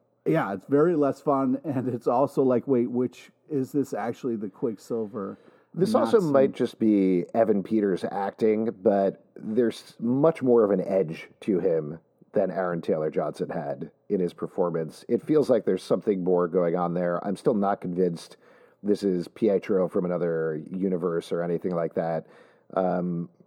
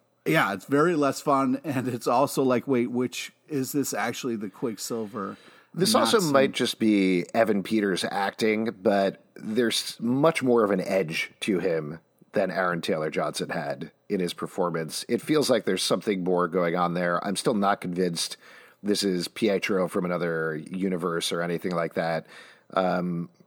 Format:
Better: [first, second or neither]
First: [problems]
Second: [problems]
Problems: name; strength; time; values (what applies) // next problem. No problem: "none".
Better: second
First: muffled; very; fading above 1.5 kHz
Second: none